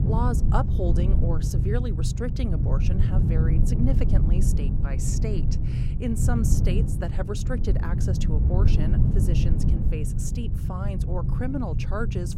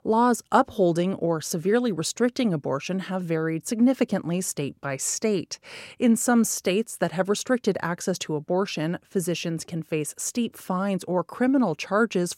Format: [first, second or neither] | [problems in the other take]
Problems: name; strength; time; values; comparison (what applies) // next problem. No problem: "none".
second | low rumble; loud; throughout; 2 dB below the speech